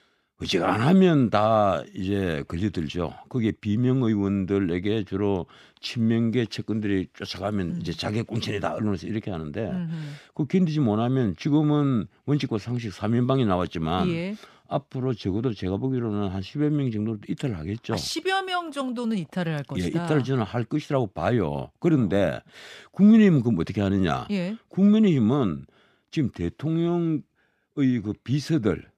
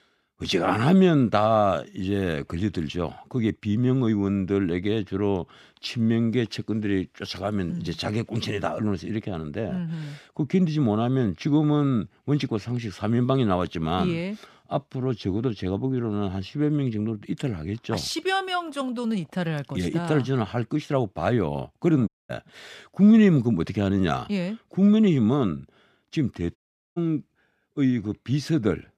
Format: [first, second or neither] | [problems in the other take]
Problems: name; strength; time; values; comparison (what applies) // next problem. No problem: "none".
first | audio cutting out; at 22 s and at 27 s